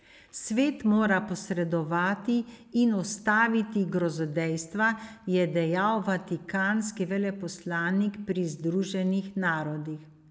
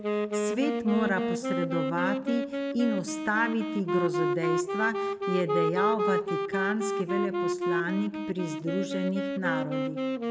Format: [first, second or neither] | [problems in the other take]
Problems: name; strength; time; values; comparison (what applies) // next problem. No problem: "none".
first | background sound (Wind instrument, woodwind instrument); 1 dB above the speech